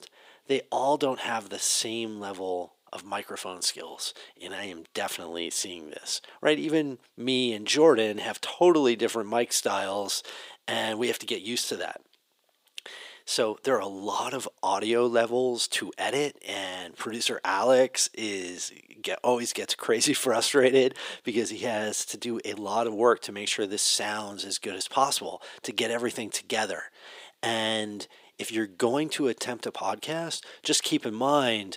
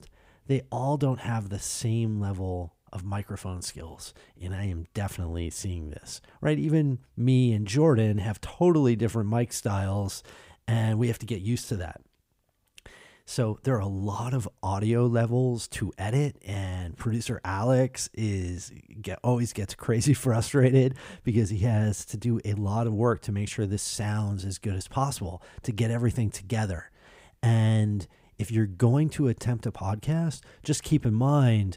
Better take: second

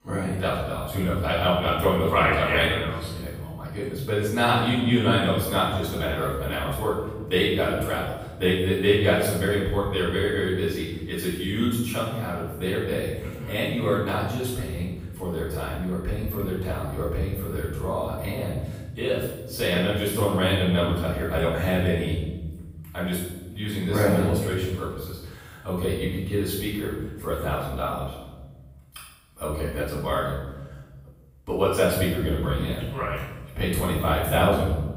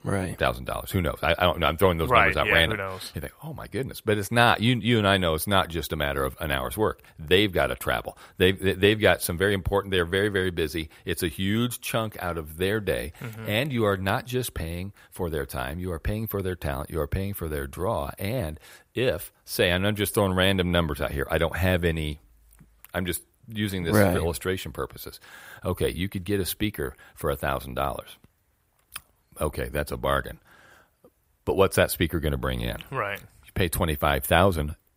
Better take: second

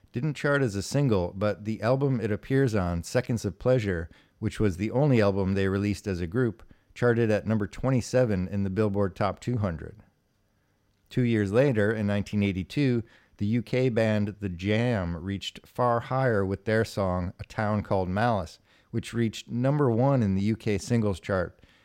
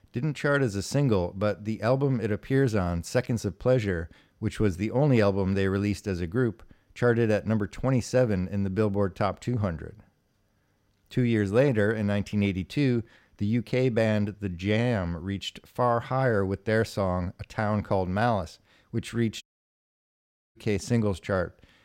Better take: first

